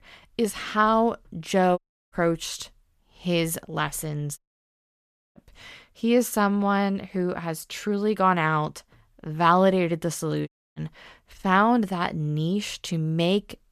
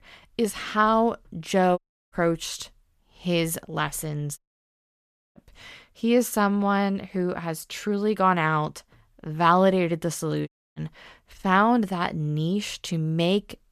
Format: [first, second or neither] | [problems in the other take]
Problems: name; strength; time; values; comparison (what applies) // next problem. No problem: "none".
neither | audio cutting out; at 2 s, at 4.5 s for 1 s and at 10 s; the same in both